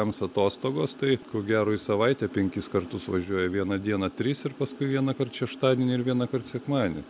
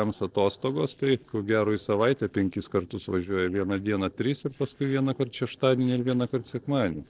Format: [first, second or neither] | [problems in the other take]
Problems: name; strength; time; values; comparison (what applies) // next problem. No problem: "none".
first | noise reduction (neural separator model SepFormer DNS4)